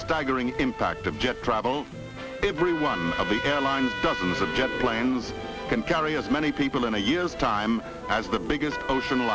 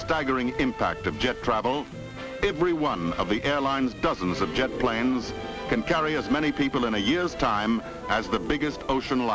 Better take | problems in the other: second | background sound (Trumpet); 11 dB below the speech

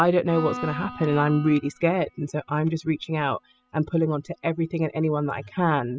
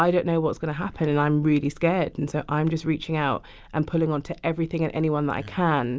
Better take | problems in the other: second | noise reduction (classical method spectral subtraction)

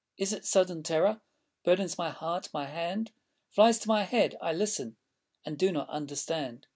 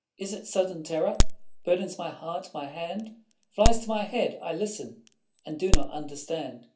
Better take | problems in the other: first | background sound (Crack); 4 dB above the speech // room echo; dies away in 0.3 s

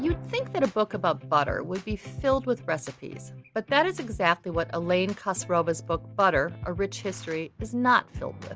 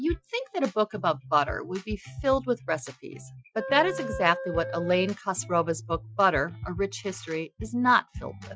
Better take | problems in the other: first | noise reduction (classical method Wiener filter)

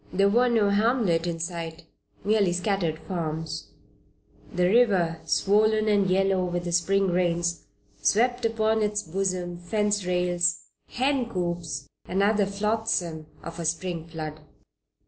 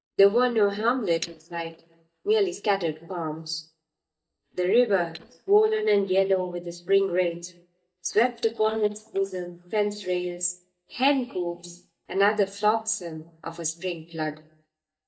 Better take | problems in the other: first | noise reduction (neural mask model DeepFilterNet 3)

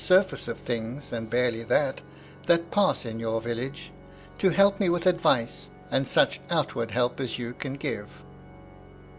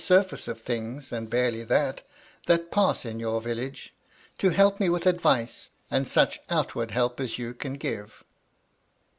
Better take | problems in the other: second | background sound (Organ); 19 dB below the speech

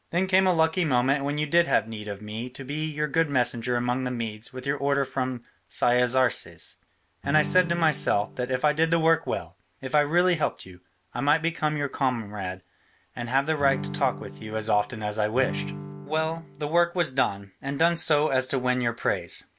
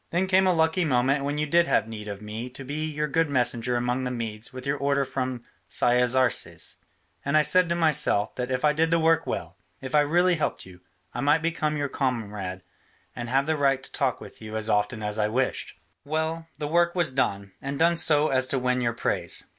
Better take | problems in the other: second | background sound (Acoustic guitar / Strum); 10 dB below the speech

